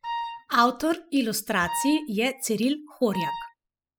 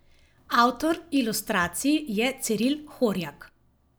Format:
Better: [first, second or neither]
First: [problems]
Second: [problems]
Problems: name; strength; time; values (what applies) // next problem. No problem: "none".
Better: second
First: noise reduction (classical method spectral subtraction)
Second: none